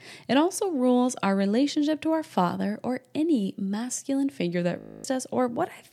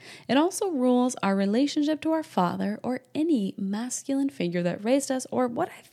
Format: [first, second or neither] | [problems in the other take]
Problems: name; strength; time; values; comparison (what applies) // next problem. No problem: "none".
second | audio freezing; at 5 s